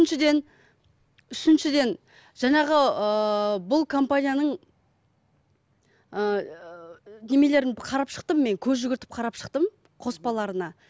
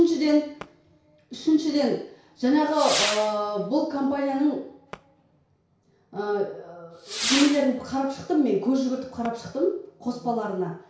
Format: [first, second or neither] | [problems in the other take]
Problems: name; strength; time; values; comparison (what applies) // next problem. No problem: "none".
first | background sound (Whoosh, swoosh, swish / Fireworks); 11 dB below the speech // room echo; dies away in 0.6 s